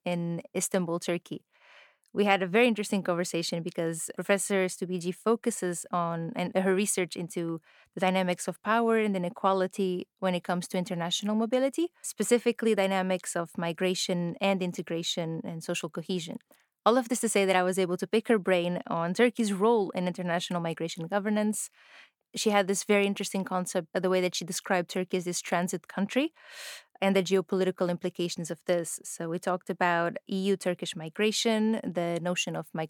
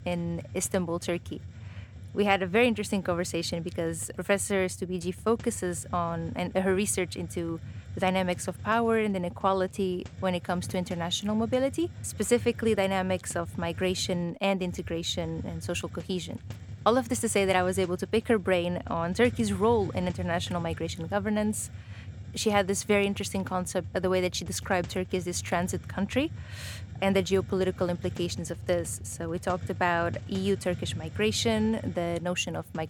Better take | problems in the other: first | hiss; noticeable; throughout; 15 dB below the speech

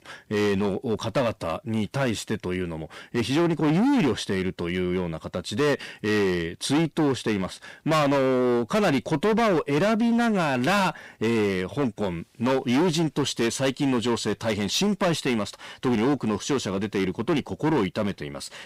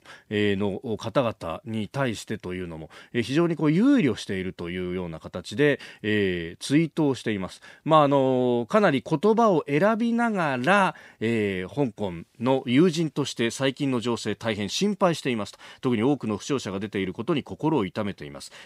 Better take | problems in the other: second | distortion; heavy; 15% of the sound clipped

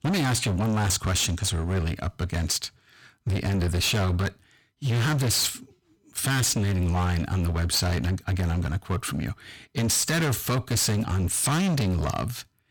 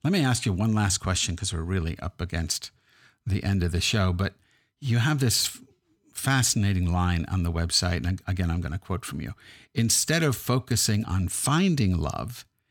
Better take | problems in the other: second | distortion; heavy; 25% of the sound clipped

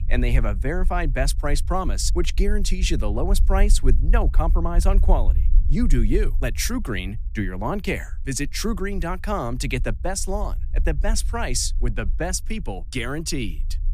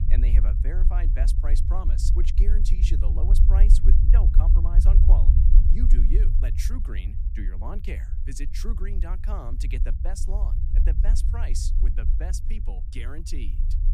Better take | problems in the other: first | low rumble; loud; throughout; 3 dB below the speech; faint in the first

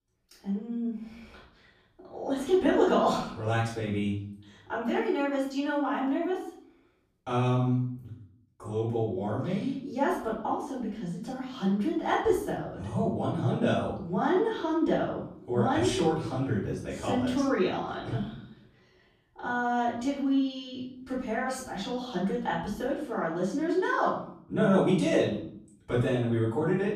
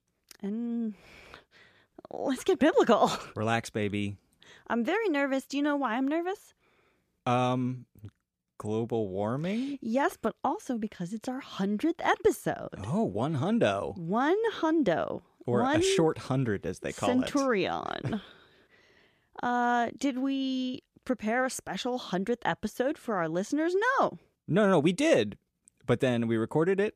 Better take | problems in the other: second | off-mic speech; far // room echo; noticeable; dies away in 0.7 s

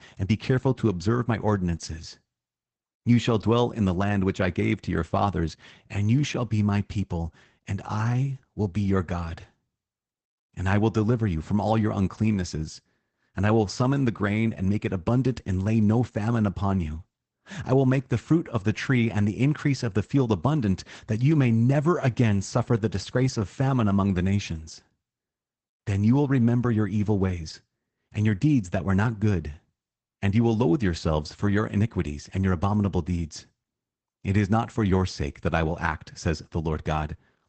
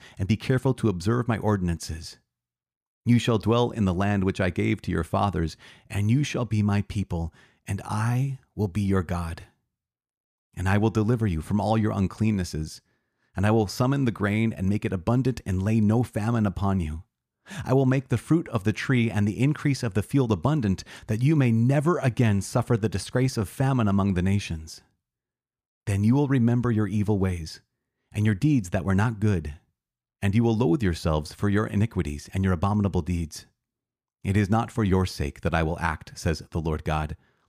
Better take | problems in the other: second | garbled, watery; badly; nothing above 8 kHz

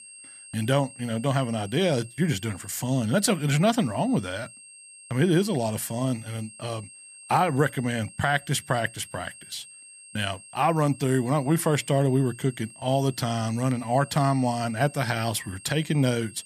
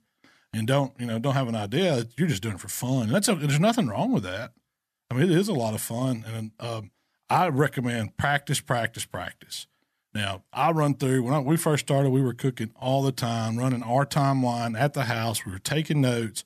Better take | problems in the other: second | high-pitched whine; noticeable; throughout; 8.5 kHz, 20 dB below the speech

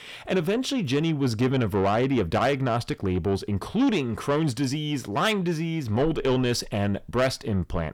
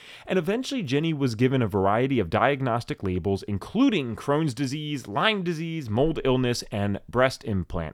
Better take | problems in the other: second | distortion; slight; 10 dB below the speech

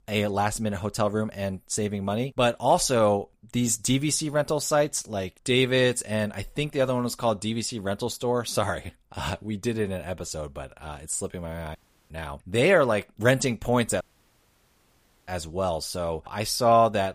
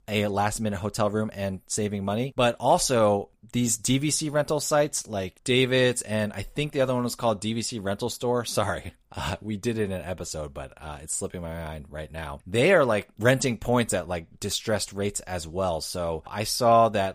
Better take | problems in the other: second | audio cutting out; at 12 s and at 14 s for 1.5 s

